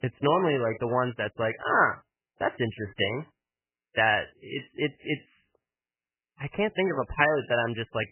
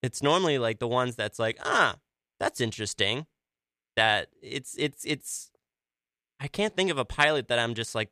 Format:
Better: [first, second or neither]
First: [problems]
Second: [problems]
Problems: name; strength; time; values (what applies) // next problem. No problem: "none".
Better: second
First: garbled, watery; badly; nothing above 3 kHz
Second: none